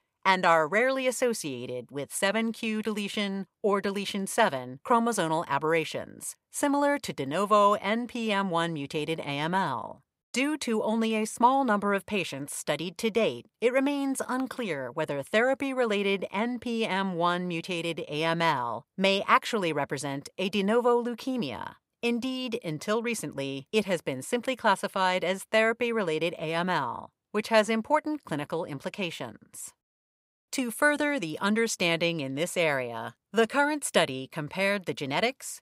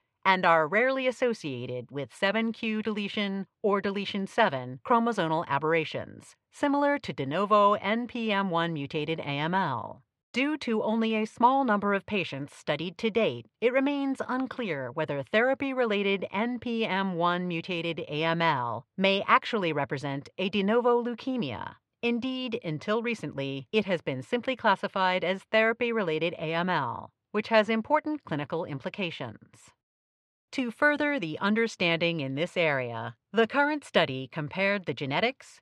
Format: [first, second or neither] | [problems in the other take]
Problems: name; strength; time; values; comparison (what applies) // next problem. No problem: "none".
first | muffled; very slightly; fading above 3 kHz